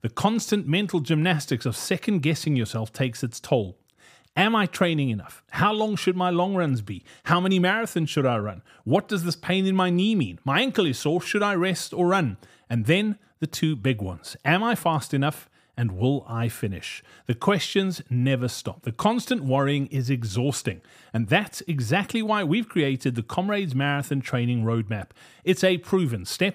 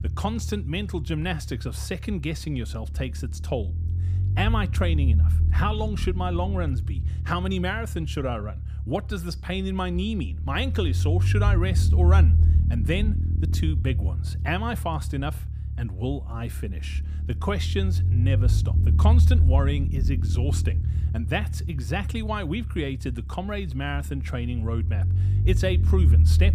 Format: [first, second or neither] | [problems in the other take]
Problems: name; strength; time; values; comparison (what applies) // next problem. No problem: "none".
first | low rumble; loud; throughout; 9 dB below the speech